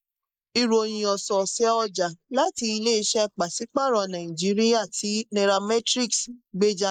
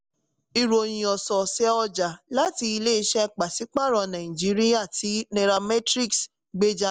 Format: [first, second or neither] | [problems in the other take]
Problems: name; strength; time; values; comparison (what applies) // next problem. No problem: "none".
second | noise reduction (neural mask model Resemble Enhance denoiser)